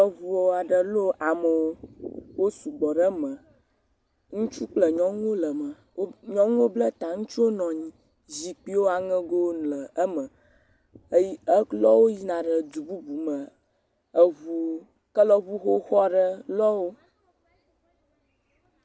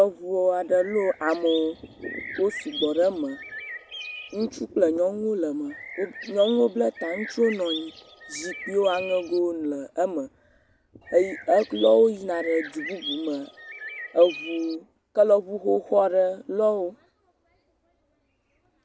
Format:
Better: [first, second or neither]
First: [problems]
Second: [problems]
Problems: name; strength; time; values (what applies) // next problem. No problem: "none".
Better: first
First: none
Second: background sound (Bird); 13 dB below the speech